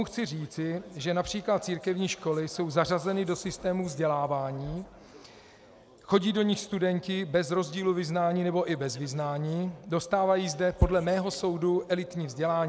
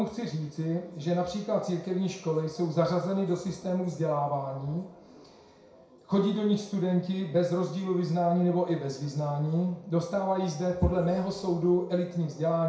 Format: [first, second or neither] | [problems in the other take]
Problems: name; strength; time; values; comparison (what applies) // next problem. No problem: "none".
first | room echo; dies away in 0.6 s